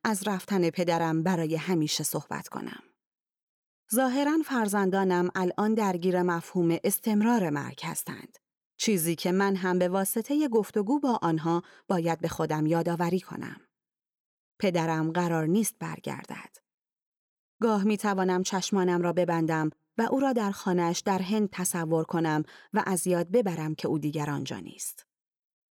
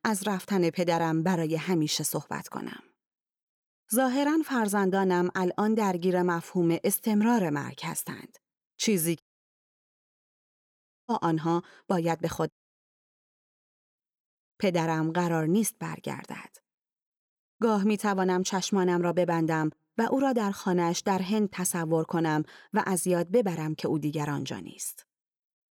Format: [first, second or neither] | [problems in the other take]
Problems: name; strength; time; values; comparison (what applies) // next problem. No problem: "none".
first | audio cutting out; at 9 s for 2 s and at 13 s for 1.5 s